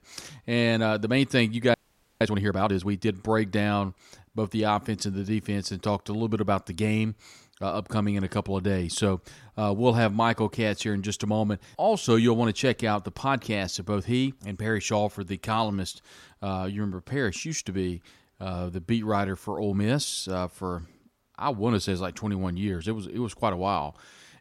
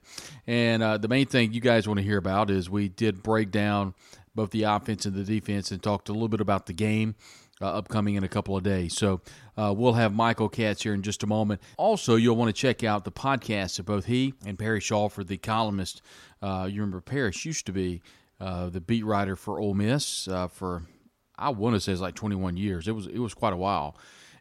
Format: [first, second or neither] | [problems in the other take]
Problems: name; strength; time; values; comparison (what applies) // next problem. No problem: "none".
second | audio freezing; at 1.5 s